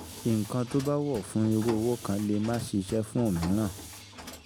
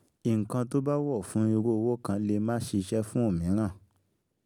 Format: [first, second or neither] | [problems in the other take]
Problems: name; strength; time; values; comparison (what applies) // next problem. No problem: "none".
second | background sound (Mechanisms); 14 dB below the speech